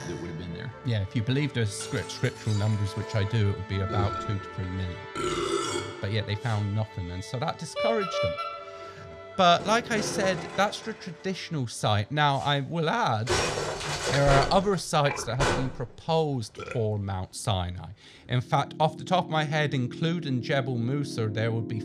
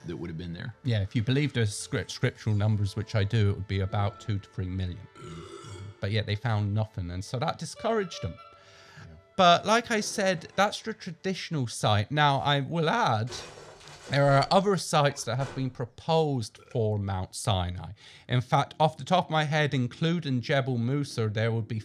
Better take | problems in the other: second | background music; loud; throughout; 6 dB below the speech; faint in the second

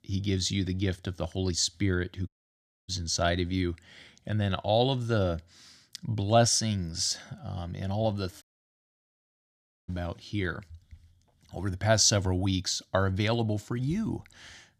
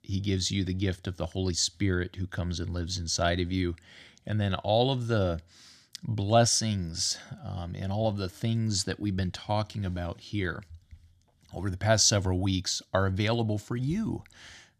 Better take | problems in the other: second | audio cutting out; at 2.5 s for 0.5 s and at 8.5 s for 1.5 s

